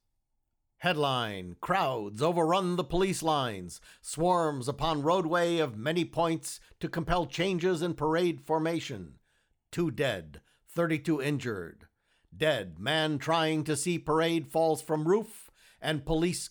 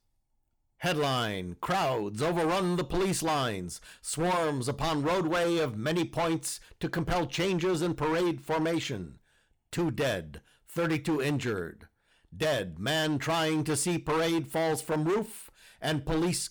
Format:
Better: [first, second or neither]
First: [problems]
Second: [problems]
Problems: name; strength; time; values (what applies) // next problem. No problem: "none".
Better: first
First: none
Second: distortion; heavy; 17% of the sound clipped